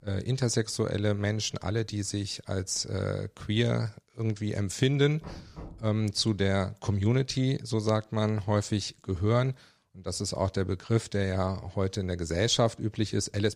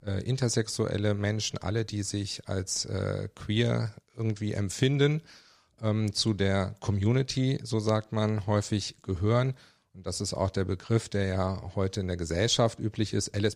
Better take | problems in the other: second | door banging; faint; at 5 s; peak 15 dB below the speech

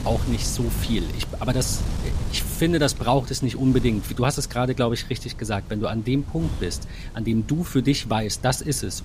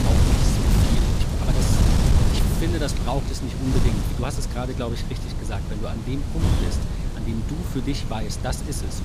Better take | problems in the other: first | wind noise on the microphone; heavy; 1 dB above the speech; occasional gusts in the first

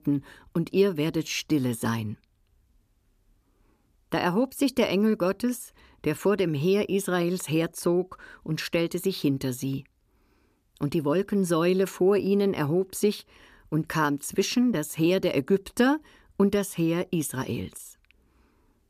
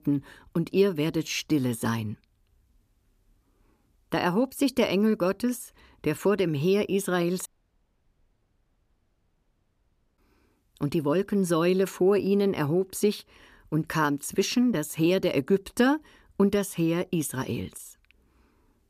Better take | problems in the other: first | audio cutting out; at 7.5 s for 2.5 s

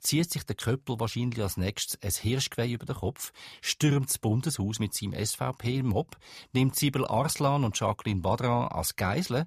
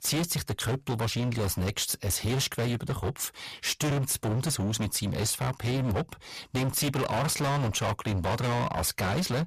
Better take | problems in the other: first | distortion; heavy; 30% of the sound clipped

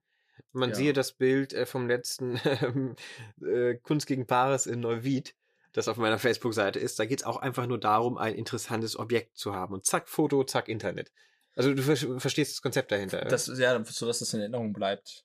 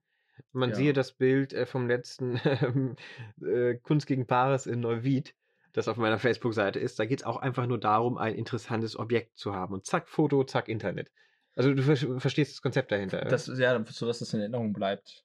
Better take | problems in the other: first | muffled; slightly; fading above 3.5 kHz

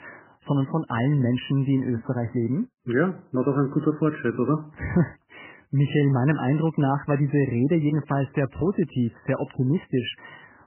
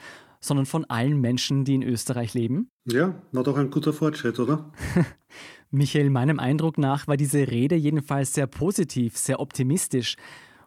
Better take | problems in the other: second | garbled, watery; badly; nothing above 3 kHz

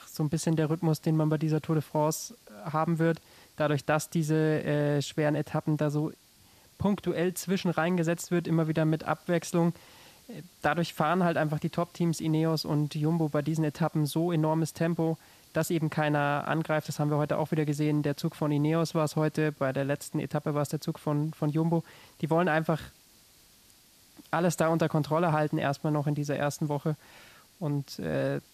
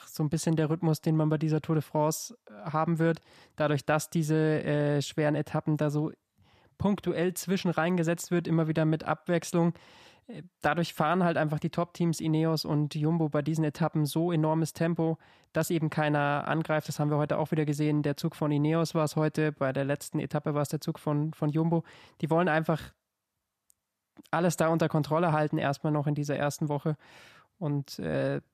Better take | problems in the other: second | hiss; faint; throughout; 30 dB below the speech

